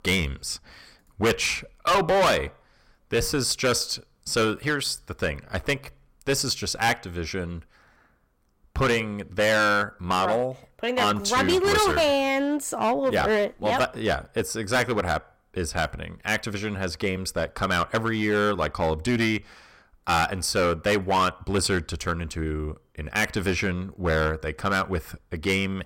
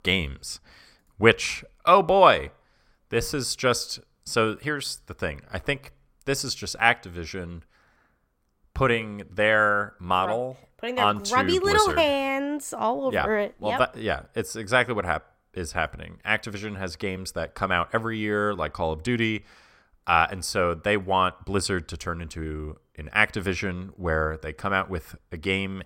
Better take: second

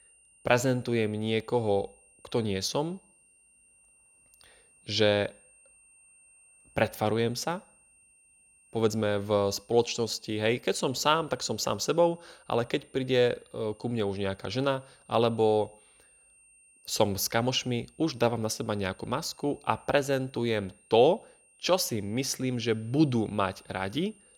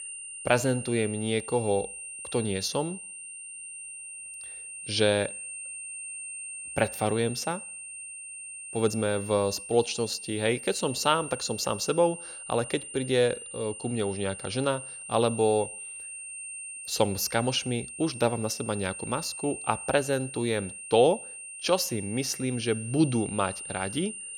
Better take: first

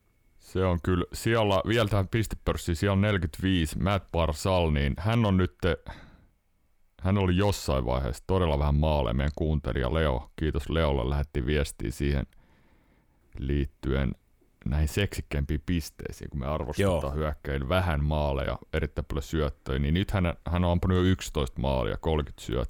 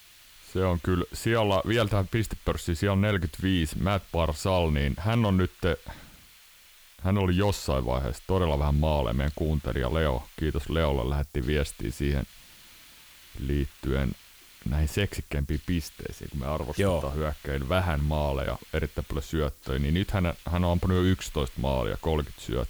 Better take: first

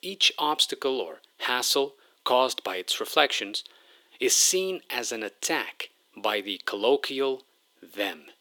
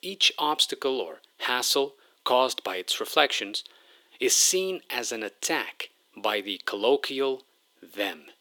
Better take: neither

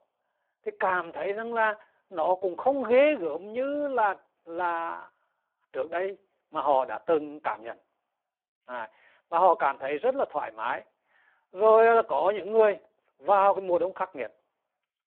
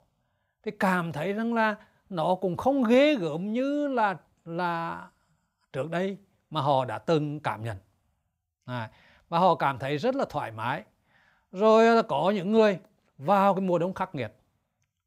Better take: second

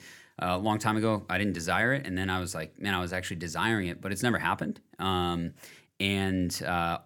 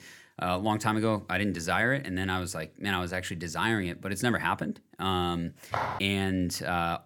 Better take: first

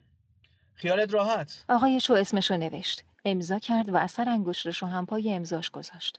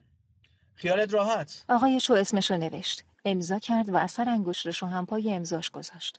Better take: first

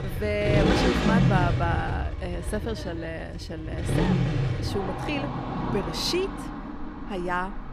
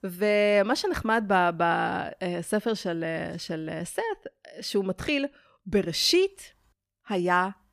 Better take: second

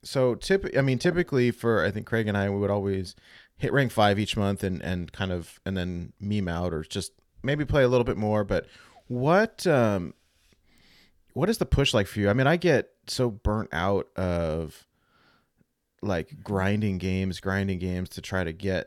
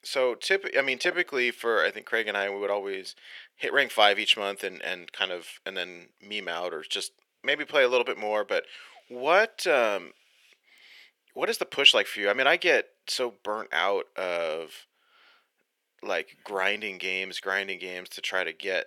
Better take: first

